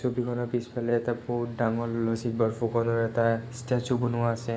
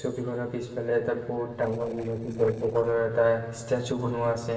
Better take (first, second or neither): first